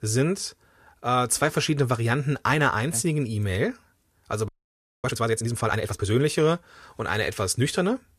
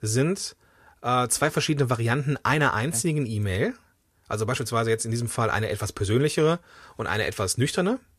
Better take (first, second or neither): second